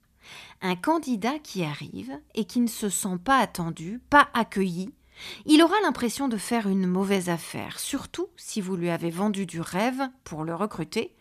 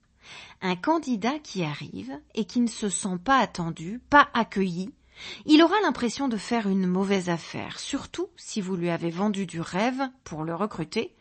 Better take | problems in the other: first | garbled, watery; slightly; nothing above 8 kHz

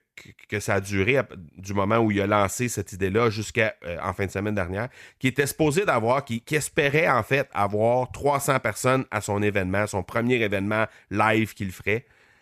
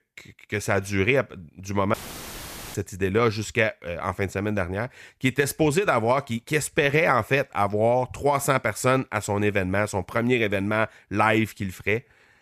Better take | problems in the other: first | audio cutting out; filled with static; at 2 s for 1 s

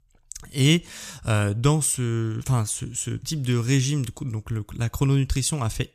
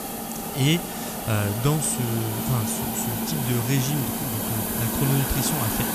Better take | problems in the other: first | hiss; loud; throughout; 1 dB below the speech

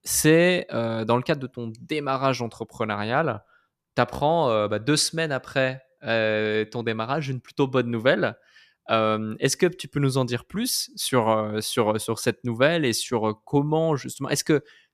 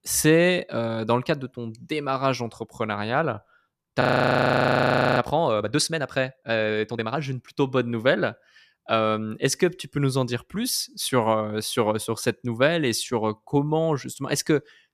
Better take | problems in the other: first | audio freezing; at 4 s for 1 s

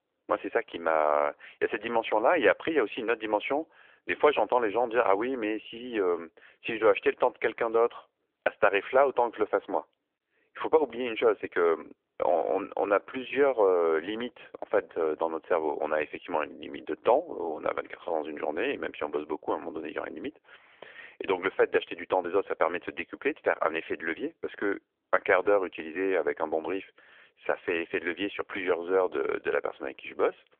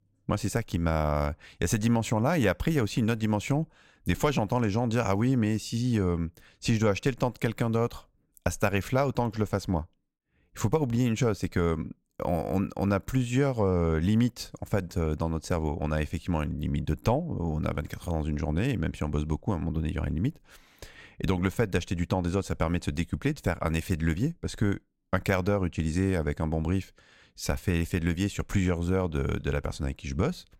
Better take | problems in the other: second | phone-call audio

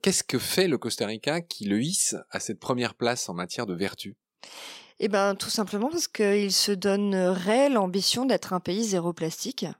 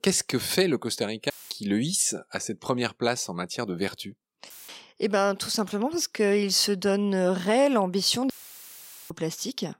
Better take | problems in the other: first | audio cutting out; filled with static; at 1.5 s, at 4.5 s and at 8.5 s for 1 s

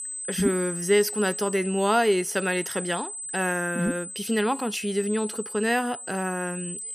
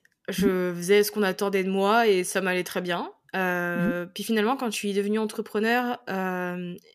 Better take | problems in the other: second | high-pitched whine; loud; throughout; 8 kHz, 8 dB below the speech

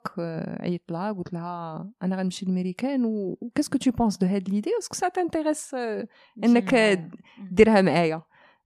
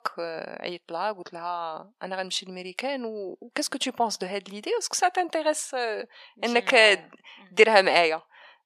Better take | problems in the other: first | thin; very; fading below 600 Hz

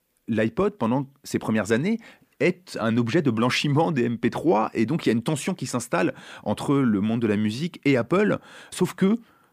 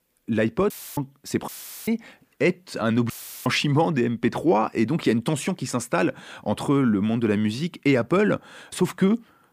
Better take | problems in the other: first | audio cutting out; filled with static; at 0.5 s, at 1.5 s and at 3 s

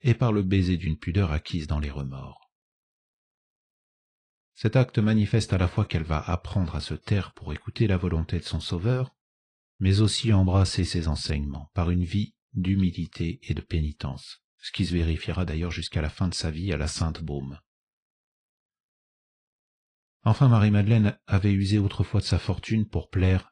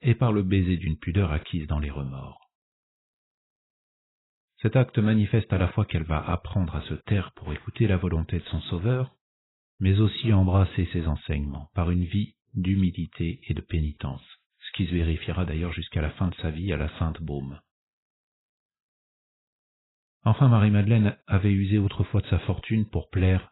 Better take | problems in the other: first | garbled, watery; badly; nothing above 4 kHz; slightly in the first

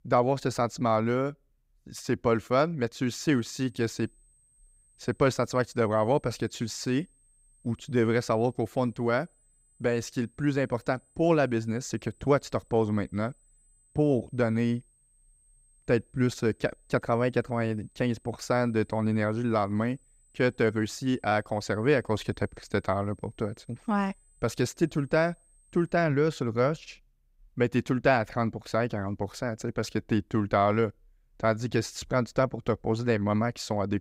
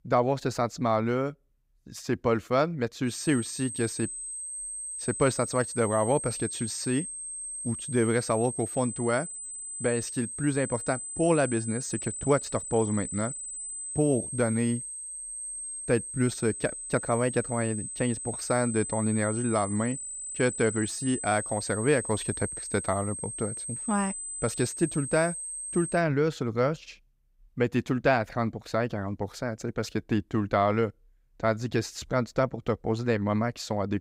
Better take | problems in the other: first | high-pitched whine; loud; from 3 to 26 s; 8 kHz, 6 dB below the speech; faint in the first

